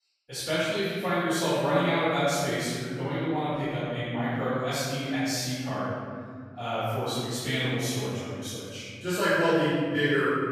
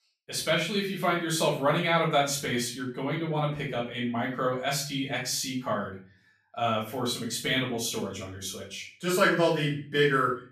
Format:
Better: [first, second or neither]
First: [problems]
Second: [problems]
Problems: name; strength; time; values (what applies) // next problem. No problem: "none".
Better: second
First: room echo; strong; dies away in 2.4 s // off-mic speech; far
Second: room echo; slight; dies away in 0.4 s // off-mic speech; far